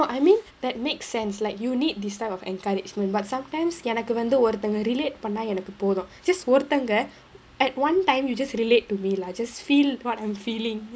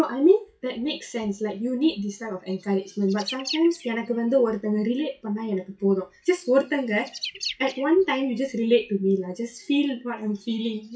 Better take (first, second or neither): first